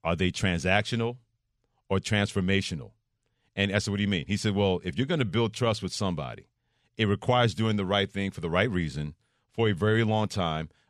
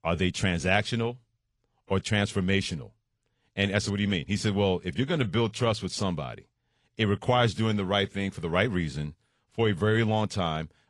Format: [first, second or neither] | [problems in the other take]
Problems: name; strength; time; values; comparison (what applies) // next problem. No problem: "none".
first | garbled, watery; slightly